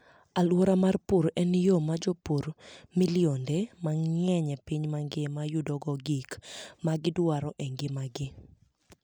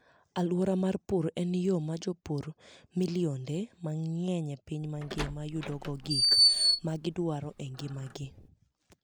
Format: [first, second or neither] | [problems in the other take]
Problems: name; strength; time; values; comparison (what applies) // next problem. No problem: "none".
first | background sound (Door); 3 dB above the speech